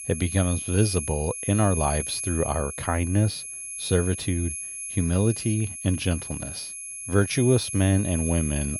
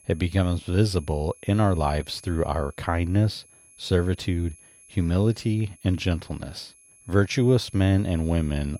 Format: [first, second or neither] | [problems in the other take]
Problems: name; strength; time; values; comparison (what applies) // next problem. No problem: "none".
second | high-pitched whine; loud; throughout; 11 kHz, 6 dB below the speech; faint in the second